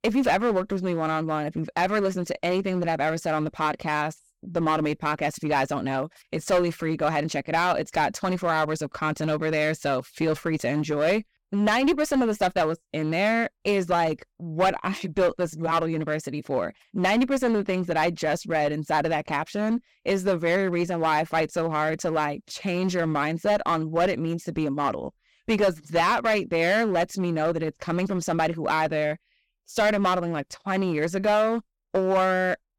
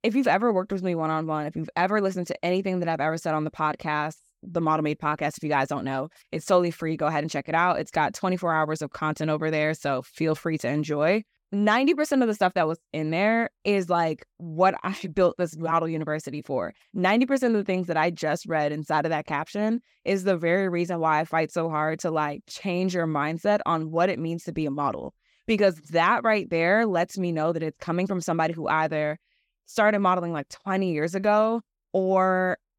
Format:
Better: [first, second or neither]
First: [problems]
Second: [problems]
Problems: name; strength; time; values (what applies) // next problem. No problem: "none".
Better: second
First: distortion; slight; 8% of the sound clipped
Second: none